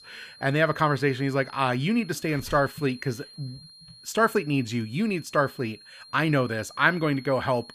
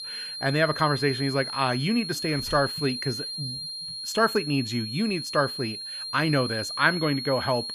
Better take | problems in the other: first | high-pitched whine; loud; throughout; 4 kHz, 6 dB below the speech; faint in the first

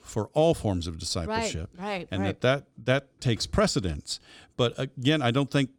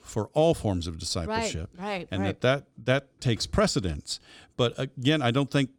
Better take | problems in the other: neither | none

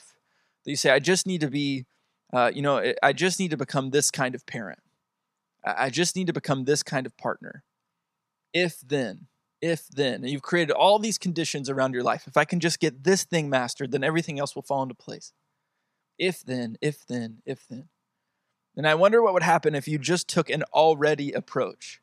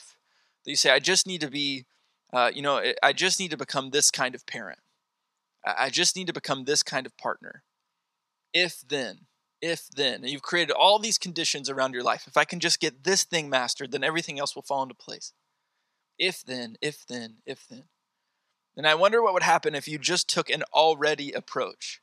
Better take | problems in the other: first | thin; very slightly; fading below 400 Hz

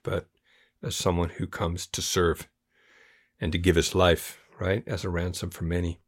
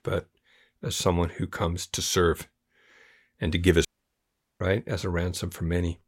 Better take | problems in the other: first | audio cutting out; at 4 s for 0.5 s

